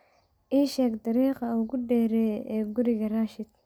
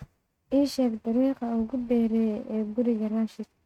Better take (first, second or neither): first